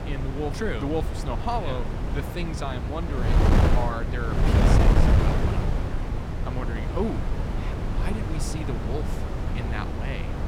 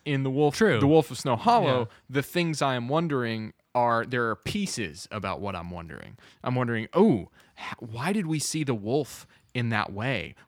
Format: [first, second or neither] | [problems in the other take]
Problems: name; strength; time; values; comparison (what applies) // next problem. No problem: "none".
second | wind noise on the microphone; heavy; 1 dB above the speech